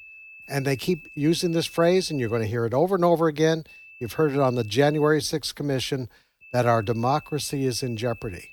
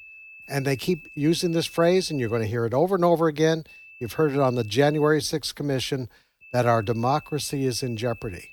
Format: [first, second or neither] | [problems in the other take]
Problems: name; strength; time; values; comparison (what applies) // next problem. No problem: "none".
neither | high-pitched whine; faint; until 2.5 s, from 3.5 to 5 s and from 6.5 s on; 2.5 kHz, 20 dB below the speech; the same in both